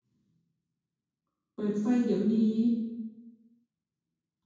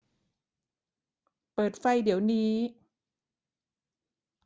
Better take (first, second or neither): second